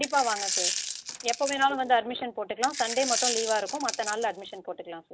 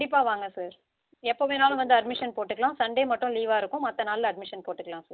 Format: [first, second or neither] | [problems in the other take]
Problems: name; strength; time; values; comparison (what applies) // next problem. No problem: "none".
second | background sound (Coin (dropping)); 5 dB below the speech